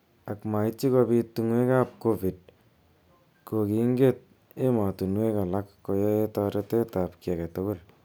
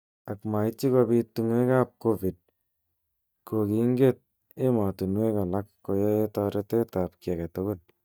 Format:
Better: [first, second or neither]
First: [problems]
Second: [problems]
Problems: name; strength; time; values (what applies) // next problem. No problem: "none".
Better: first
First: none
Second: noise reduction (neural mask model DeepFilterNet 3)